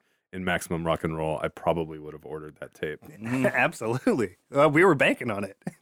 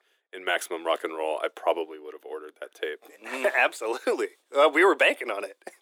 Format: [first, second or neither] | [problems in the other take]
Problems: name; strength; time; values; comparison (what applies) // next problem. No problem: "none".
first | thin; very; fading below 350 Hz